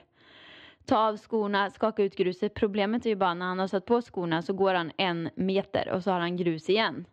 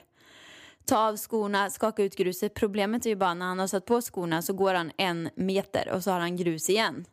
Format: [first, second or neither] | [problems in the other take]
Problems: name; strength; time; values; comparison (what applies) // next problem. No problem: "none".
second | muffled; slightly; fading above 4 kHz